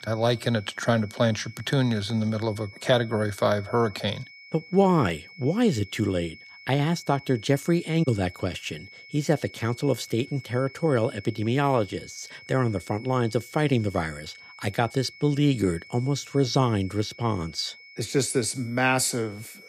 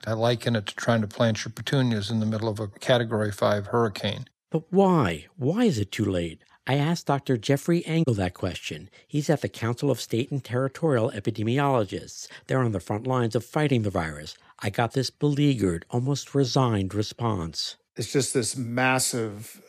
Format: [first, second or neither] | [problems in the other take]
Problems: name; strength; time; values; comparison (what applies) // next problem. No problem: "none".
second | high-pitched whine; noticeable; throughout; 2 kHz, 20 dB below the speech